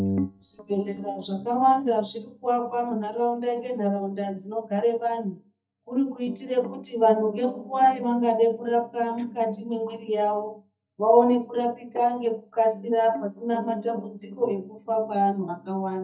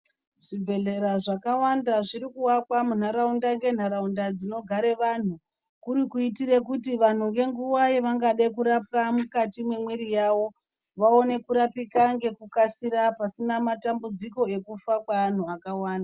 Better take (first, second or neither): second